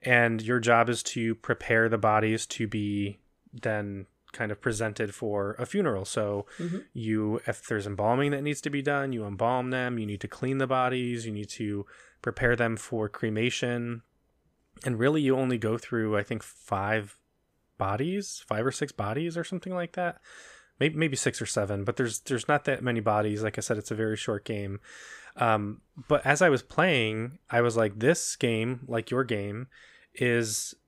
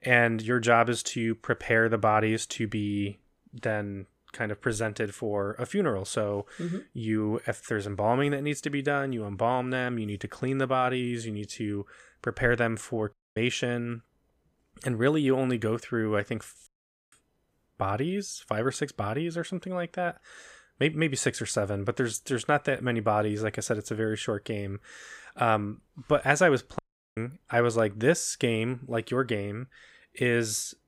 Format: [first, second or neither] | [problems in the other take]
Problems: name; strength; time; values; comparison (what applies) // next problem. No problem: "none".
first | audio cutting out; at 13 s, at 17 s and at 27 s